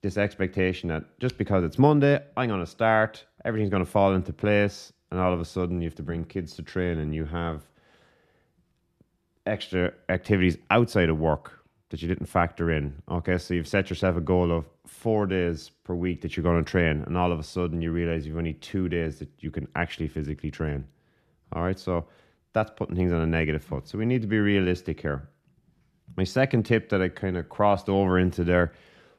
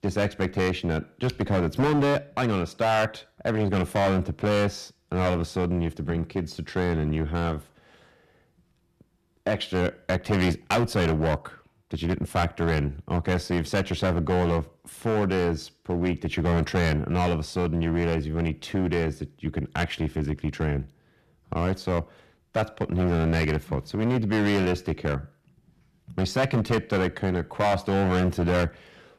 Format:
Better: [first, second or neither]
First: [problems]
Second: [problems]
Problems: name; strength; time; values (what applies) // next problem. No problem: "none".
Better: first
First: none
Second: distortion; heavy; 10% of the sound clipped